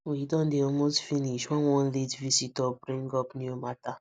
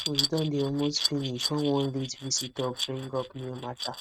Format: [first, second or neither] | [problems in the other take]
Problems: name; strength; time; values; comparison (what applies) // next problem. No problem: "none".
first | noise reduction (neural mask model RNNoise)